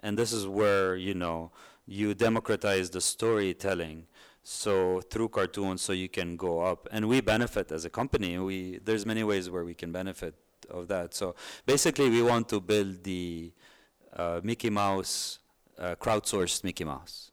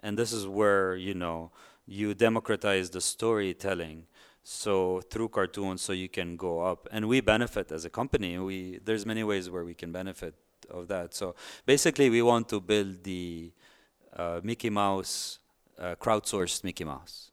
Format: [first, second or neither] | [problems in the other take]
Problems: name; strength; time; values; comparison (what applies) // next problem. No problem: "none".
second | distortion; slight; 3% of the sound clipped